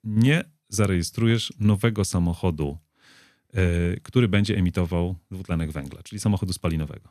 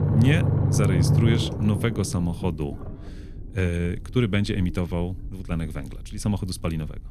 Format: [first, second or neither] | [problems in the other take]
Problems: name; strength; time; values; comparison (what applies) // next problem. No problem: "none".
first | low rumble; loud; throughout; 3 dB below the speech